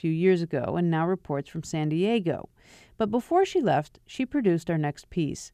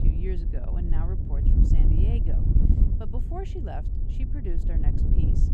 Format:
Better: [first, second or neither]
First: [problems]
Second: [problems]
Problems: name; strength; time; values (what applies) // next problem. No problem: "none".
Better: first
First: none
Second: wind noise on the microphone; heavy; 1 dB above the speech